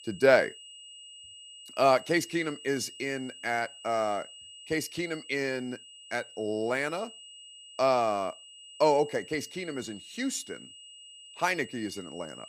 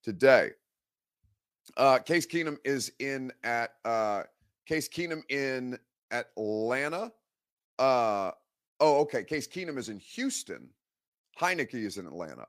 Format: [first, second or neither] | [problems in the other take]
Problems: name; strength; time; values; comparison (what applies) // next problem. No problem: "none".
second | high-pitched whine; noticeable; throughout; 3 kHz, 15 dB below the speech